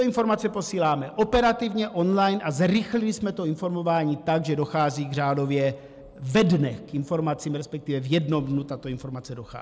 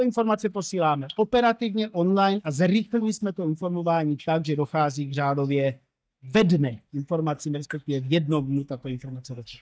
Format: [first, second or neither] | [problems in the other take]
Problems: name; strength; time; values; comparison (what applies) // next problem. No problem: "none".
first | noise reduction (neural mask model DeepFilterNet 3)